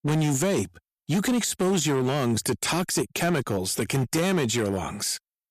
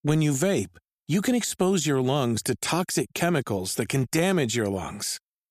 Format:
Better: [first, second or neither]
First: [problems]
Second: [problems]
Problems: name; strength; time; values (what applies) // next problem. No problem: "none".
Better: second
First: distortion; slight; 12% of the sound clipped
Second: none